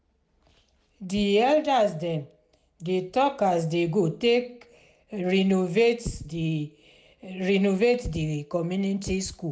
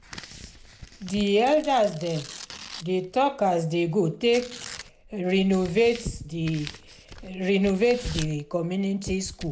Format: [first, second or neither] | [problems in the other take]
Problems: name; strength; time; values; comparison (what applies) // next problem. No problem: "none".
first | background sound (Tearing); 17 dB below the speech